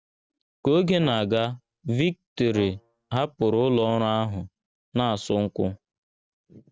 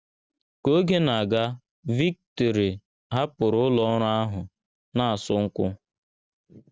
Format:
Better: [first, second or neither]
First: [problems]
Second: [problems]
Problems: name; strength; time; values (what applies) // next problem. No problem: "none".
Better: second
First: background sound (Brass instrument); 20 dB below the speech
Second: none